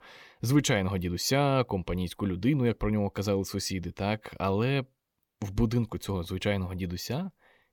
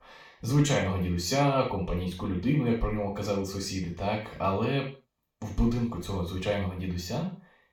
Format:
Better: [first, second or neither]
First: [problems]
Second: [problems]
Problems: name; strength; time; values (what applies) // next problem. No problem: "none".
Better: first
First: none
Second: room echo; noticeable; dies away in 0.3 s // off-mic speech; far